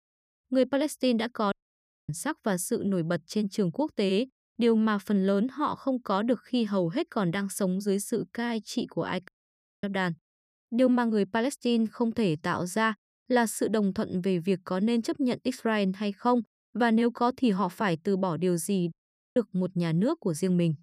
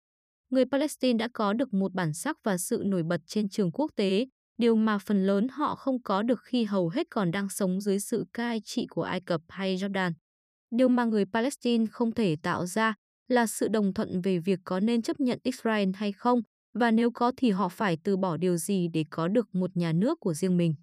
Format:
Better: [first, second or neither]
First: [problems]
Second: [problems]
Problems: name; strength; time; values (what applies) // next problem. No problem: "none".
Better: second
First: audio cutting out; at 1.5 s for 0.5 s, at 9.5 s for 0.5 s and at 19 s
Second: none